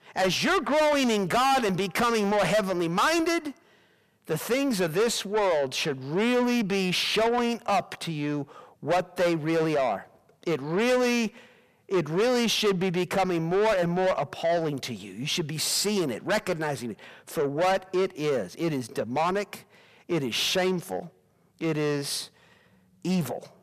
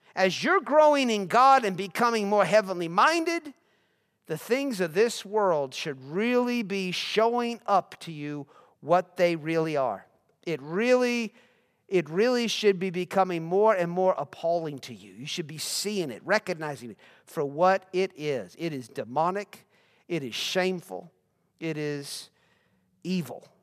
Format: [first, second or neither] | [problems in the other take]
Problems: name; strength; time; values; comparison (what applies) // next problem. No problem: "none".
second | distortion; heavy; 6 dB below the speech